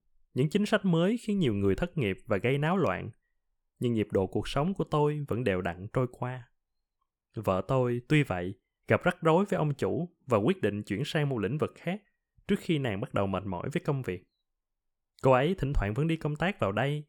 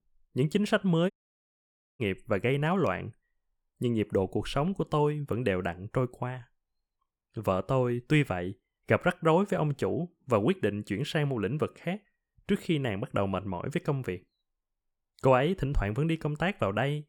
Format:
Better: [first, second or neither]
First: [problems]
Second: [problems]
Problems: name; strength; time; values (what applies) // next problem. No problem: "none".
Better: first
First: none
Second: audio cutting out; at 1 s for 1 s